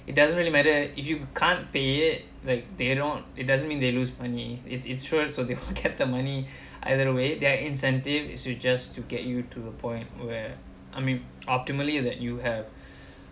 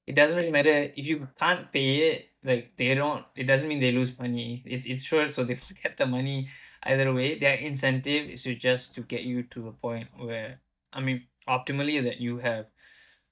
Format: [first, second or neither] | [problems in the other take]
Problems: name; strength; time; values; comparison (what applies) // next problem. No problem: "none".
first | noise reduction (neural mask model DeepFilterNet 3)